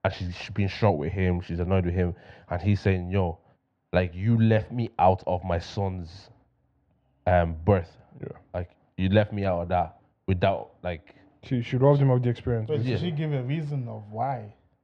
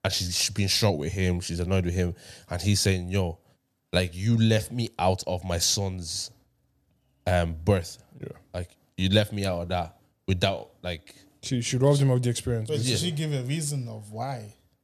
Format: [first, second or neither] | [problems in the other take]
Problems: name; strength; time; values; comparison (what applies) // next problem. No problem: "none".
second | muffled; very; fading above 2.5 kHz